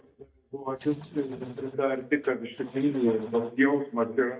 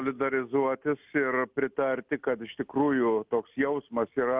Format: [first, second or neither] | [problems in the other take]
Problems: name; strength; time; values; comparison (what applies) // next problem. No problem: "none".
second | noise reduction (neural mask model DeepFilterNet 3)